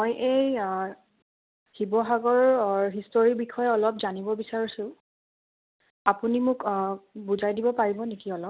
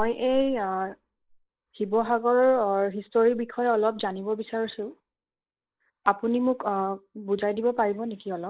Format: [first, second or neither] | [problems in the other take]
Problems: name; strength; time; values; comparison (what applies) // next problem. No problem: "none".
first | noise reduction (neural mask model Resemble Enhance denoiser)